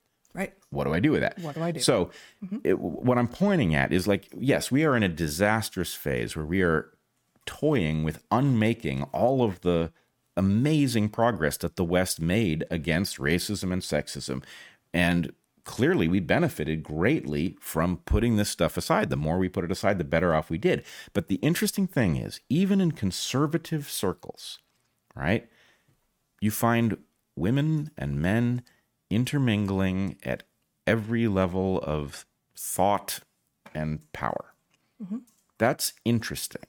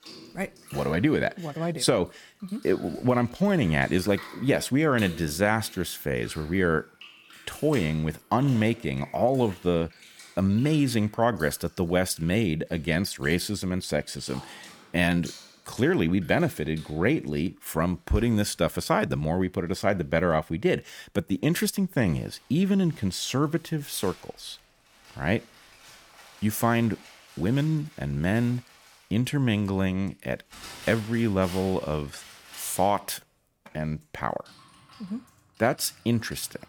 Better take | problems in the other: first | household noises; faint; throughout; 20 dB below the speech

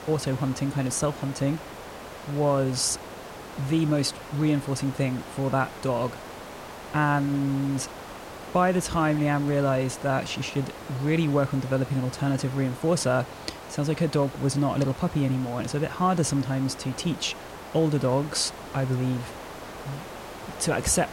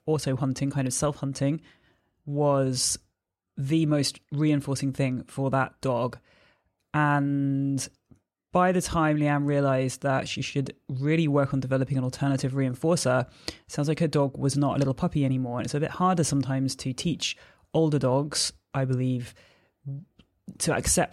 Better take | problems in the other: second | hiss; noticeable; throughout; 15 dB below the speech

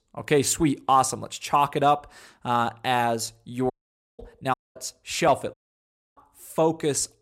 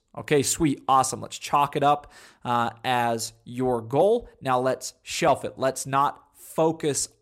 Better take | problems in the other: second | audio cutting out; at 3.5 s, at 4.5 s and at 5.5 s for 0.5 s

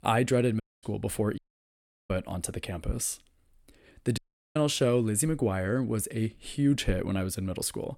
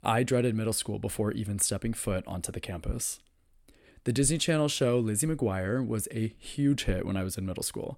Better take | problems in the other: second | audio cutting out; at 0.5 s, at 1.5 s for 0.5 s and at 4 s

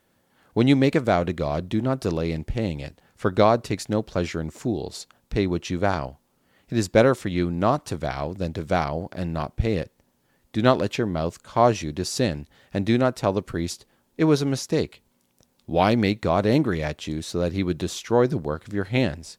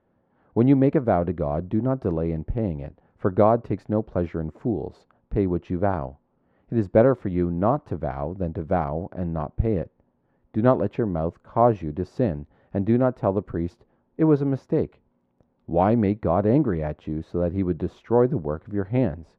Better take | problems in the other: first | muffled; very; fading above 3 kHz

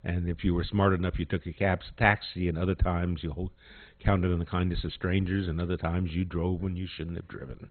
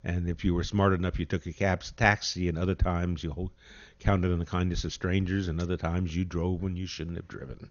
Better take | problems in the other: second | garbled, watery; badly; nothing above 4 kHz; slightly in the second

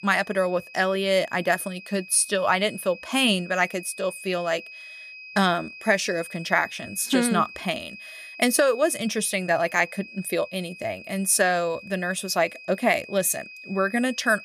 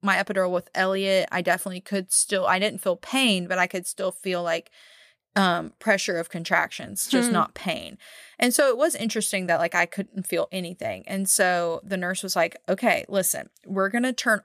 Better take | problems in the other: second | high-pitched whine; noticeable; throughout; 2.5 kHz, 15 dB below the speech

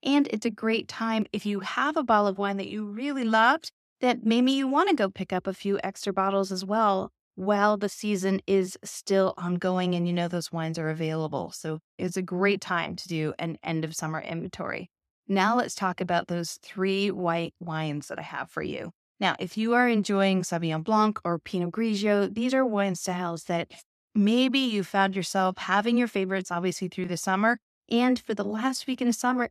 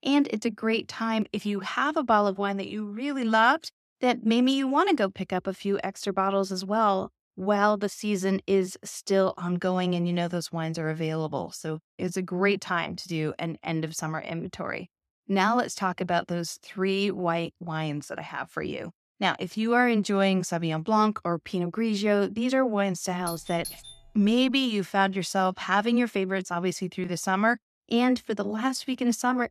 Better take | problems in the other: first | doorbell; faint; from 23 to 24 s; peak 10 dB below the speech

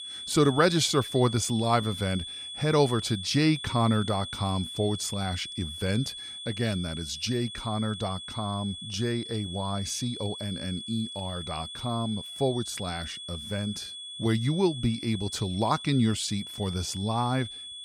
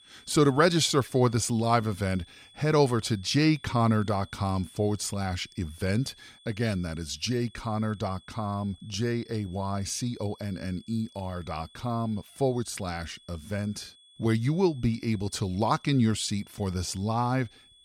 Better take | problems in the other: second | high-pitched whine; loud; throughout; 3.5 kHz, 8 dB below the speech; faint in the second

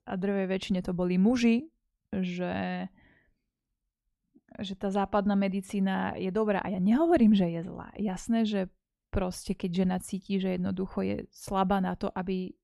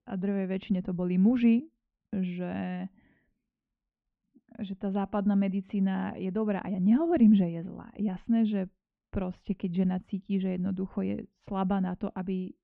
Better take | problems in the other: first | muffled; very; fading above 3 kHz

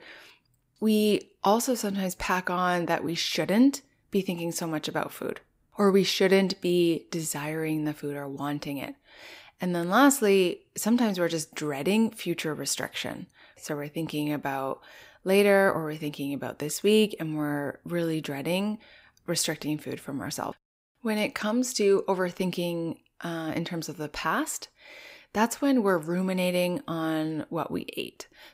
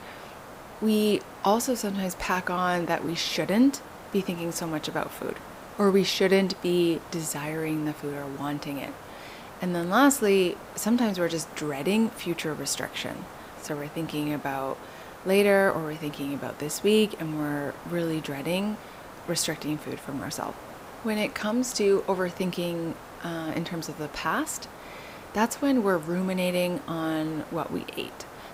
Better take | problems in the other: first | hiss; noticeable; throughout; 15 dB below the speech

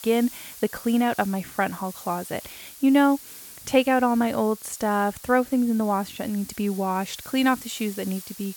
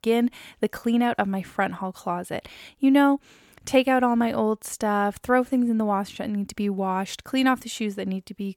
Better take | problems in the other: second | hiss; noticeable; throughout; 15 dB below the speech

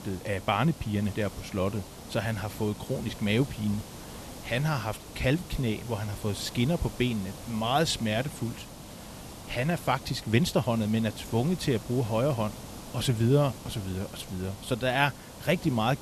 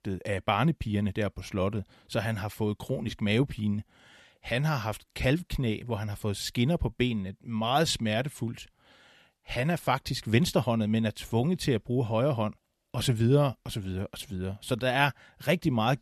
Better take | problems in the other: second | hiss; noticeable; throughout; 15 dB below the speech

